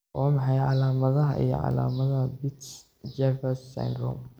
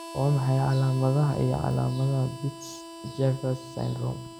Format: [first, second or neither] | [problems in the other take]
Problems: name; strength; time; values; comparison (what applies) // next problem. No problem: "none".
first | background sound (Harmonica); 15 dB below the speech